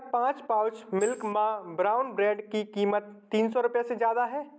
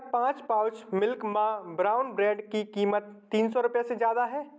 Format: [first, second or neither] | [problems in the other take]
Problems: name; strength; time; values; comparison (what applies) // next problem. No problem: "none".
second | noise reduction (neural mask model Resemble Enhance denoiser)